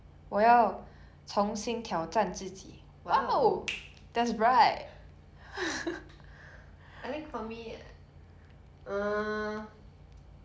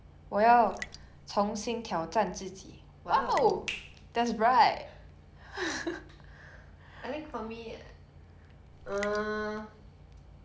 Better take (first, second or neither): first